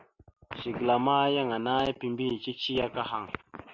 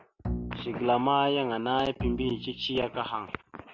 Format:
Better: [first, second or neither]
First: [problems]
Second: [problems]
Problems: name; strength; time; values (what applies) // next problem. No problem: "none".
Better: first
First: none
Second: background sound (Bowed string instrument); 9 dB below the speech